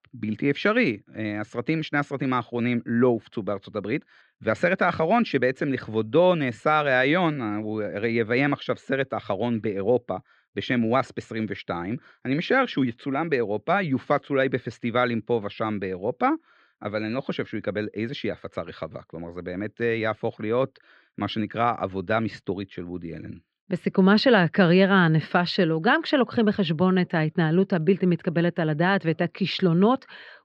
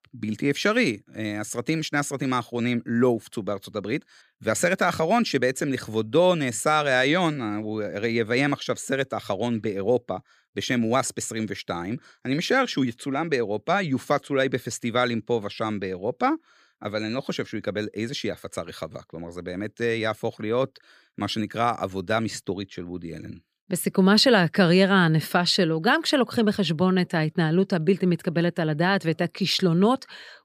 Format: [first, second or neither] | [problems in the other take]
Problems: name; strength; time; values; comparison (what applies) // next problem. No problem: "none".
second | muffled; slightly; fading above 3 kHz